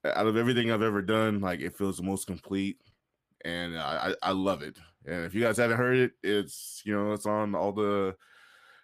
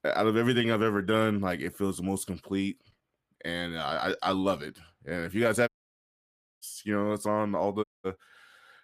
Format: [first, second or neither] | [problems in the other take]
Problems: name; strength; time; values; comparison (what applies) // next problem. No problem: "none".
first | audio cutting out; at 5.5 s for 1 s and at 8 s